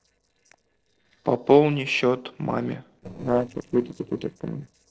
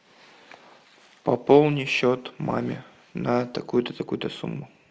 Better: second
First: noise reduction (neural separator model SepFormer DNS4)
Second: none

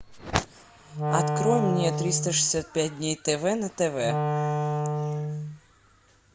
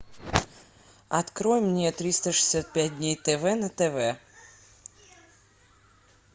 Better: second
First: background sound (Wind instrument, woodwind instrument); 1 dB below the speech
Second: none

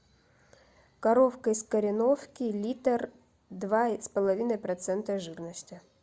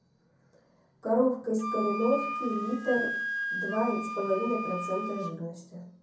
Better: first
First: none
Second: background sound (Wind instrument, woodwind instrument); 5 dB below the speech // room echo; dies away in 0.6 s

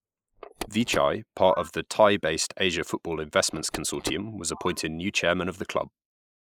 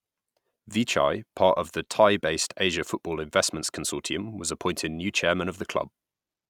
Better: second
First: noise reduction (neural mask model Resemble Enhance denoiser)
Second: none

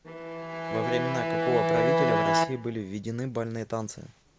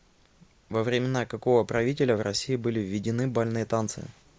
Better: second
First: background sound (Bowed string instrument); 5 dB above the speech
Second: none

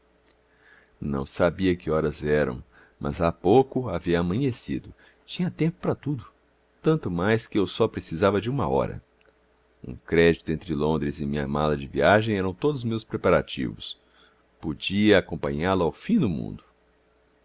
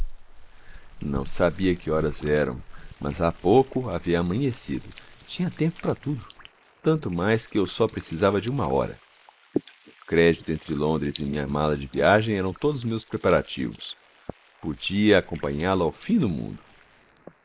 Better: first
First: none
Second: noise reduction (neural mask model Resemble Enhance denoiser)

